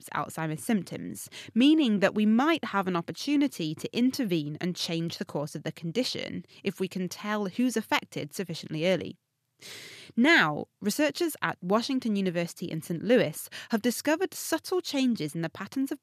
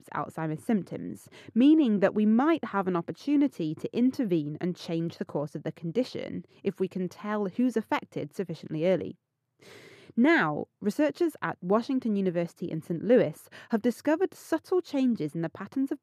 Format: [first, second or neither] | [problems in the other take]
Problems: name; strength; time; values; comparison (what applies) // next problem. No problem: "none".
first | muffled; slightly; fading above 2 kHz